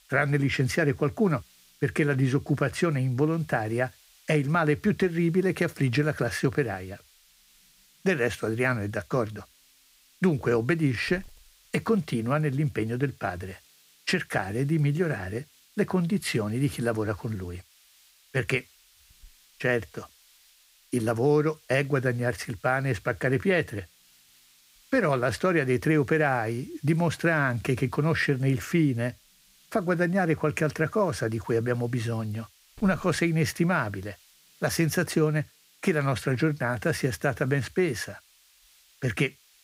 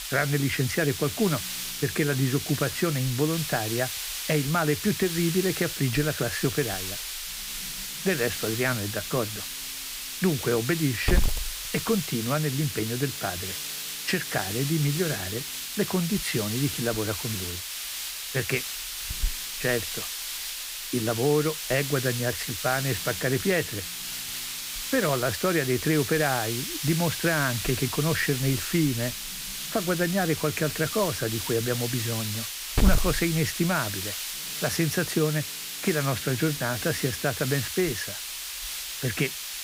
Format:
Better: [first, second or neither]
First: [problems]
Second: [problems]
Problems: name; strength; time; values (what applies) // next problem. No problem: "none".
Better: first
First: hiss; faint; throughout; 30 dB below the speech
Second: hiss; loud; throughout; 4 dB below the speech